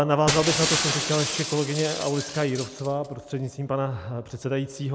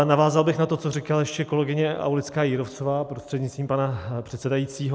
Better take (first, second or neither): second